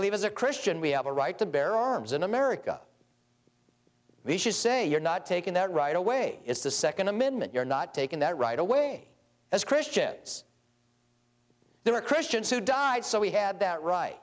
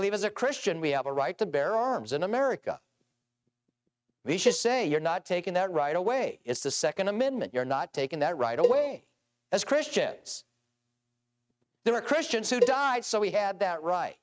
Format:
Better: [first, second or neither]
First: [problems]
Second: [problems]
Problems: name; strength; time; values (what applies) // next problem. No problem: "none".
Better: first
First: none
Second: noise reduction (neural mask model RNNoise)